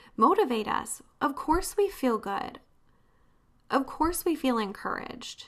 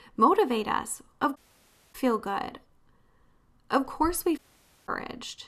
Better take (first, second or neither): first